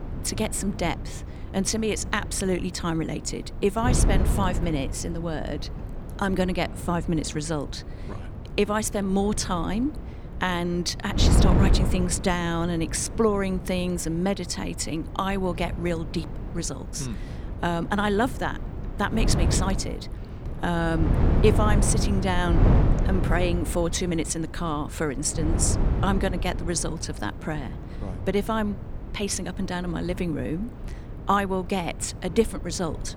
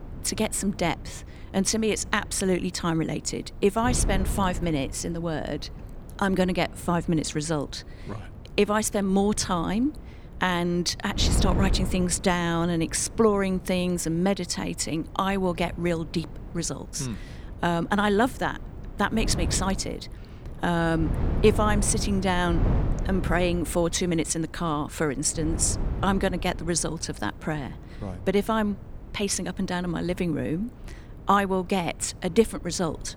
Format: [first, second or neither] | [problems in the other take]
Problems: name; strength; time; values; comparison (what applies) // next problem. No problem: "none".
second | wind noise on the microphone; heavy; 10 dB below the speech; occasional gusts in the second